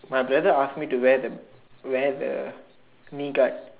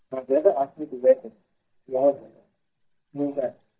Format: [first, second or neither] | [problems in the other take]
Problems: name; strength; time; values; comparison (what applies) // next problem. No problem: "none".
first | noise reduction (neural mask model DeepFilterNet 3)